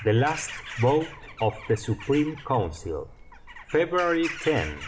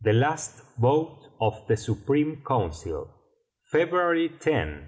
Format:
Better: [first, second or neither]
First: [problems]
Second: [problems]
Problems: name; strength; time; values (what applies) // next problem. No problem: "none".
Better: second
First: background sound (Bird vocalization, bird call, bird song / Crow); 14 dB below the speech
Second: none